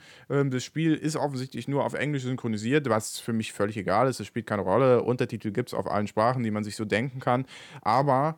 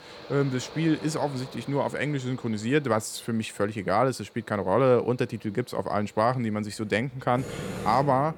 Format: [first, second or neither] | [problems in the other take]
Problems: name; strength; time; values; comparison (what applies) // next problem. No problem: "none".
first | machinery noise; noticeable; throughout; 15 dB below the speech